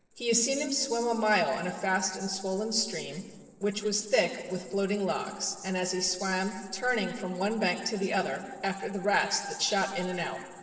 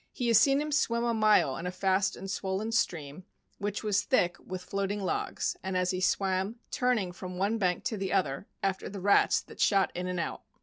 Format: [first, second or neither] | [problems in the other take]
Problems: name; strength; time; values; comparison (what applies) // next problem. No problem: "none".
second | noise reduction (neural separator model SepFormer DNS4)